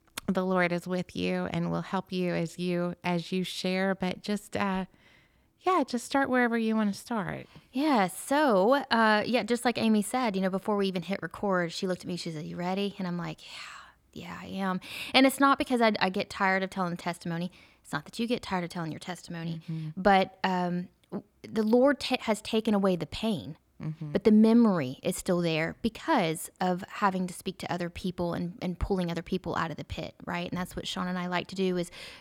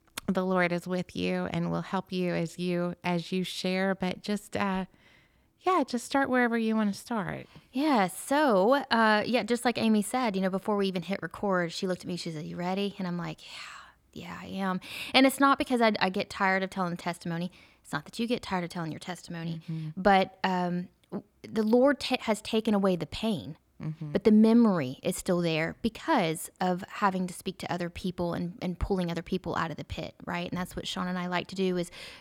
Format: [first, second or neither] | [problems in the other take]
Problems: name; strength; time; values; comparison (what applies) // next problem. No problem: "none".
neither | none